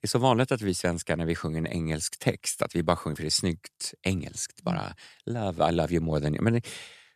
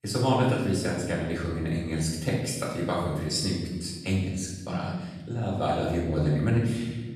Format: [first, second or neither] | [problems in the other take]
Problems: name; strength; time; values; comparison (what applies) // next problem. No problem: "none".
first | off-mic speech; far // room echo; noticeable; dies away in 1.3 s